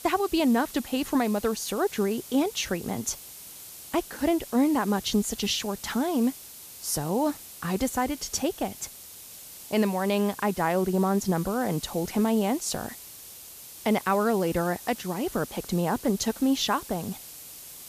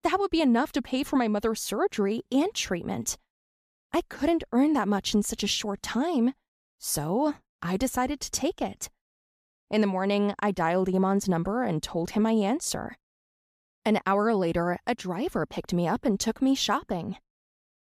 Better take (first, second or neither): second